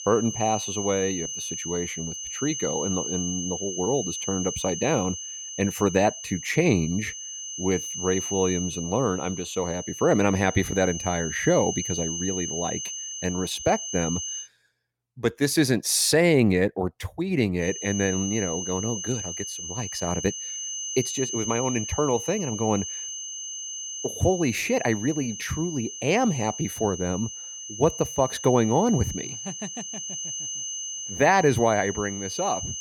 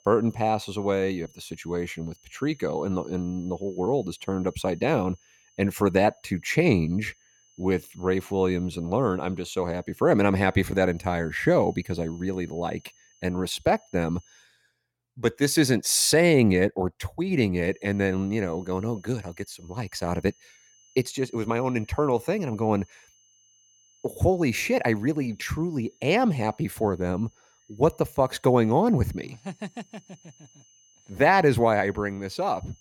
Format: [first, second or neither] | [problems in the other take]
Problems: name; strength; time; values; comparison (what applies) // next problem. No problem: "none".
second | high-pitched whine; loud; until 14 s and from 18 s on; 6.5 kHz, 6 dB below the speech; faint in the second